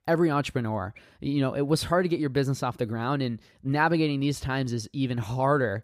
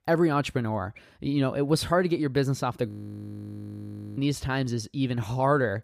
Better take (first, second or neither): first